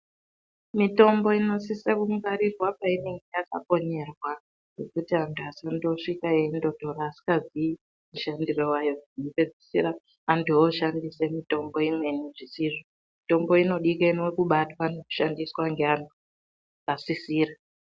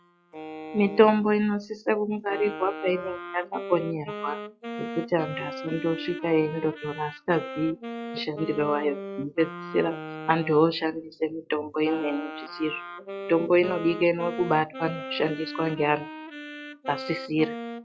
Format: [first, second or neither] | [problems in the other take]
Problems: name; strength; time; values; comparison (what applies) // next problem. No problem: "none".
first | noise reduction (classical method log-MMSE)